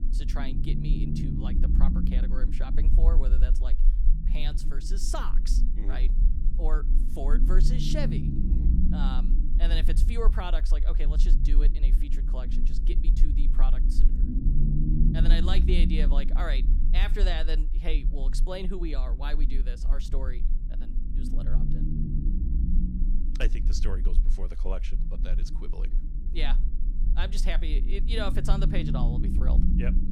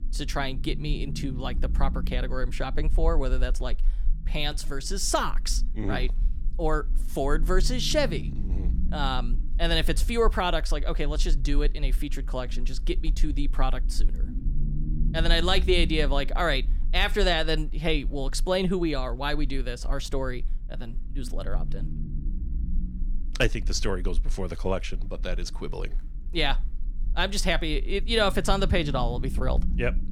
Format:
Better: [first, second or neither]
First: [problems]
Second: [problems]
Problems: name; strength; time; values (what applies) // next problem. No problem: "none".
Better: second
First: low rumble; loud; throughout; 5 dB below the speech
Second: low rumble; faint; throughout; 20 dB below the speech